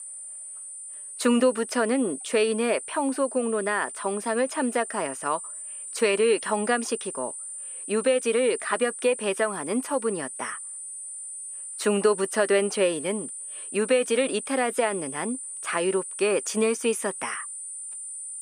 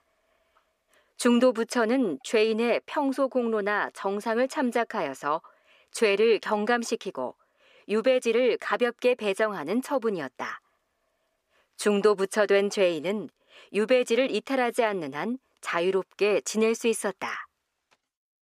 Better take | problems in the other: second | high-pitched whine; loud; throughout; 9.5 kHz, 9 dB below the speech

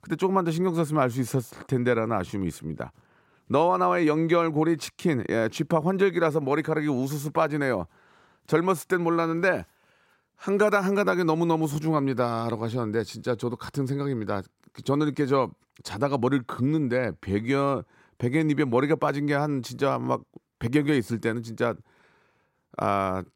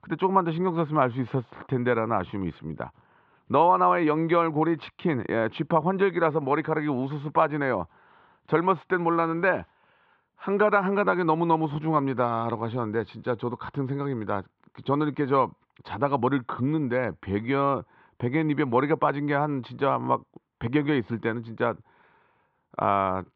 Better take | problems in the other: first | muffled; very; fading above 3.5 kHz

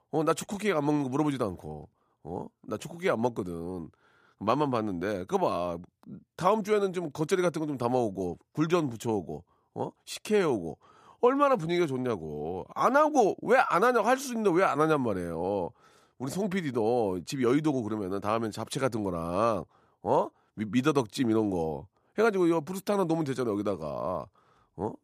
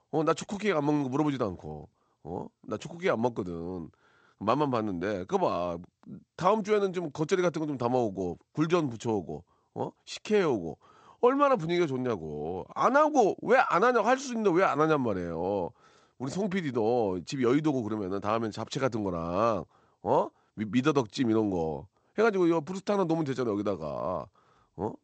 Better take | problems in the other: first | garbled, watery; slightly; nothing above 8 kHz

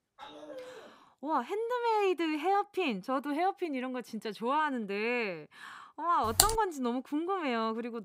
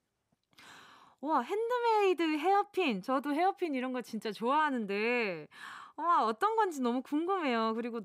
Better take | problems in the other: second | dog barking; faint; at the start; peak 15 dB below the speech // keyboard typing; loud; at 6.5 s; peak 5 dB above the speech

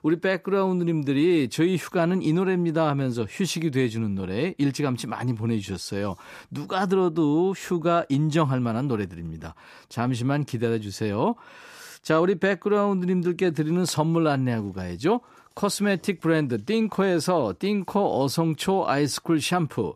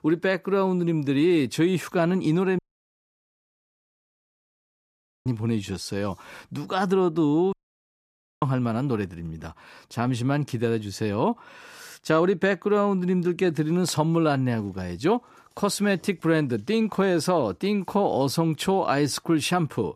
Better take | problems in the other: first | audio cutting out; at 2.5 s for 2.5 s and at 7.5 s for 1 s

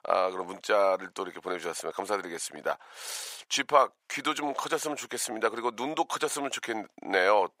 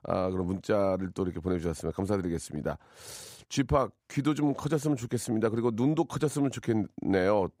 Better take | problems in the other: second | thin; very; fading below 800 Hz

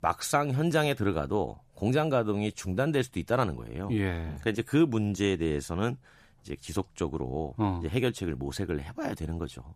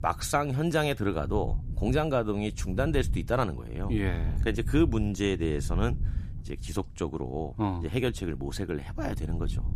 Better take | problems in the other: first | wind noise on the microphone; occasional gusts; 20 dB below the speech

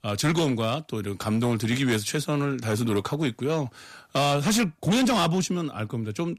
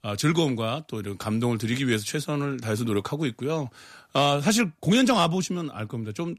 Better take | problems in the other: second | distortion; slight; 8% of the sound clipped

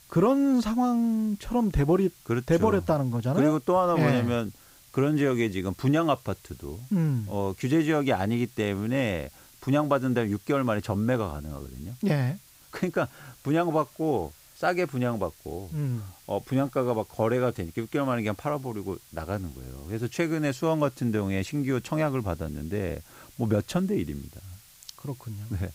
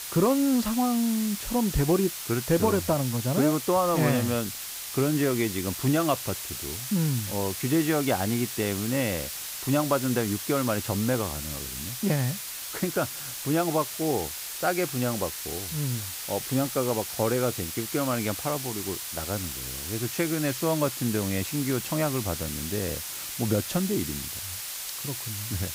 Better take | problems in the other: first | hiss; loud; throughout; 5 dB below the speech; faint in the first

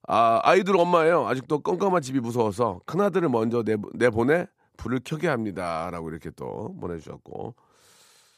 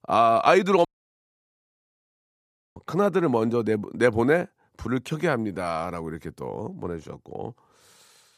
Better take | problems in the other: first | audio cutting out; at 1 s for 2 s

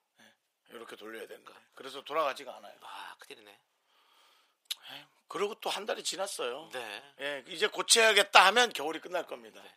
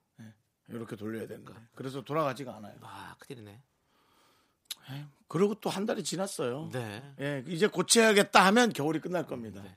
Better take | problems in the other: second | thin; very; fading below 650 Hz

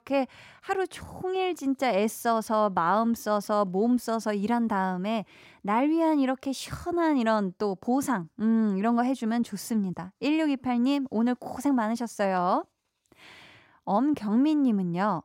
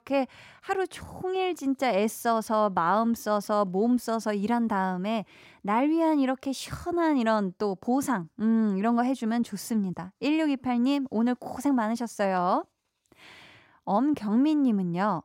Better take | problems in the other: neither | none

